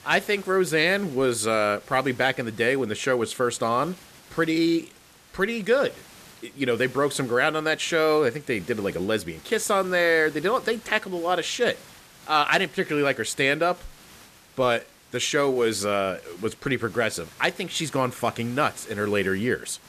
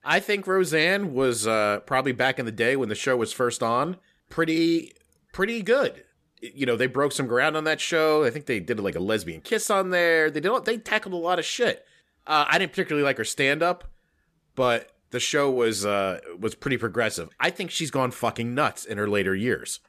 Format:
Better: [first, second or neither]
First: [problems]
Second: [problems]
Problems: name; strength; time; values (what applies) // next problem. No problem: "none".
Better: second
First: hiss; faint; throughout; 25 dB below the speech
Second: none